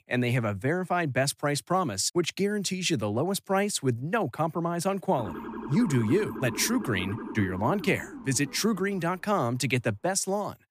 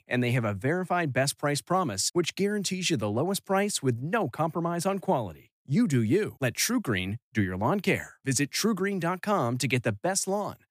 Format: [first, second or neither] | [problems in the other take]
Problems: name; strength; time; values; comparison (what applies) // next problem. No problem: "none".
second | siren; noticeable; from 5 to 9 s; peak 8 dB below the speech